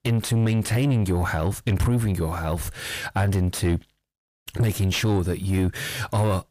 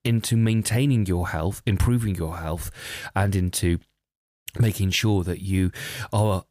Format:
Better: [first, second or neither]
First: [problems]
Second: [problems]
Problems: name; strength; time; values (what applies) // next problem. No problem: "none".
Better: second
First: distortion; slight; 9 dB below the speech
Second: none